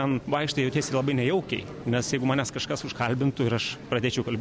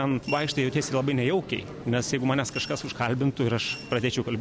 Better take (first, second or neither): first